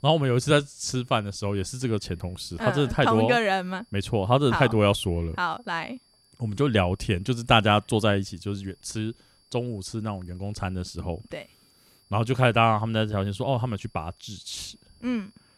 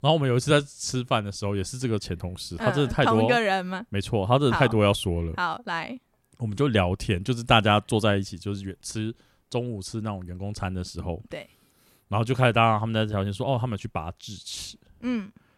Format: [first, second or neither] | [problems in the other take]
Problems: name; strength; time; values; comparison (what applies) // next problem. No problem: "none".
second | high-pitched whine; faint; throughout; 4.5 kHz, 35 dB below the speech